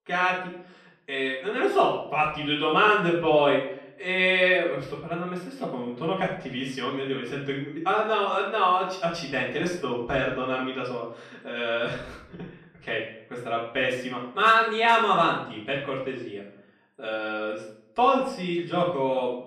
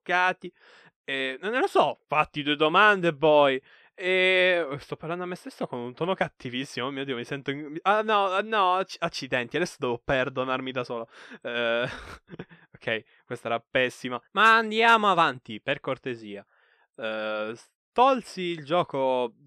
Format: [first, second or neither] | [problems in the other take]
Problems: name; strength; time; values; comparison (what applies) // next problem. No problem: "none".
second | off-mic speech; far // room echo; noticeable; dies away in 0.5 s